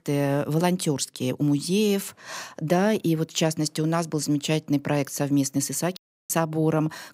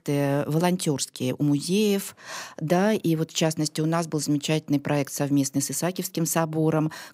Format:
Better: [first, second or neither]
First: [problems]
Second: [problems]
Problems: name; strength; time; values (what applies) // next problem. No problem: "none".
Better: second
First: audio cutting out; at 6 s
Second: none